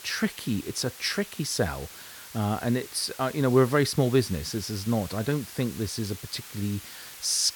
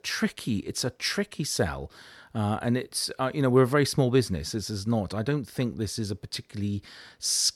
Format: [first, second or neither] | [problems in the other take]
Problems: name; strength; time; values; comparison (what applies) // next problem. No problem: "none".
second | hiss; noticeable; throughout; 15 dB below the speech